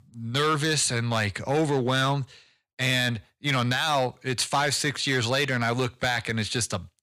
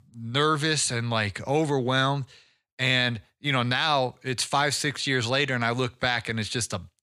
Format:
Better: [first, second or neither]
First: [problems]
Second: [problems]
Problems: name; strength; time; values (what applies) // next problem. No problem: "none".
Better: second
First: distortion; slight; 5% of the sound clipped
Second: none